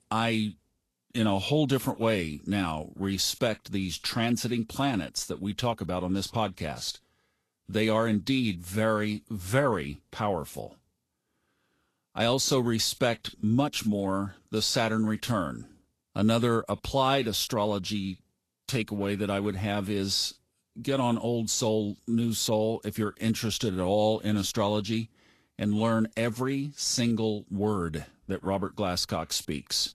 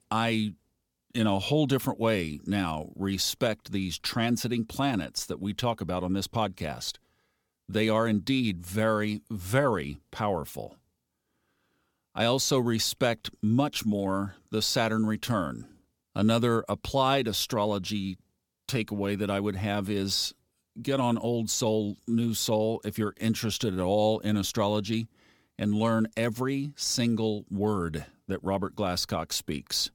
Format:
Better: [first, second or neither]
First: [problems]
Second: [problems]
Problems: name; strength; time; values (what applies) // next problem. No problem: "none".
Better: second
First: garbled, watery; slightly; nothing above 13 kHz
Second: none